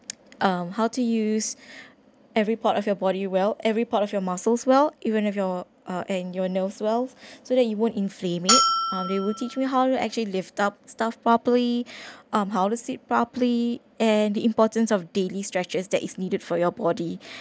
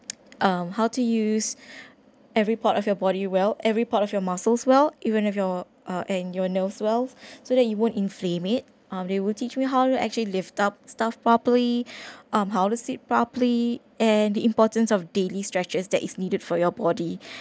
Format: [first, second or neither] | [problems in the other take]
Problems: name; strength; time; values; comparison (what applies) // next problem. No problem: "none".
second | background sound (Bell); 1 dB below the speech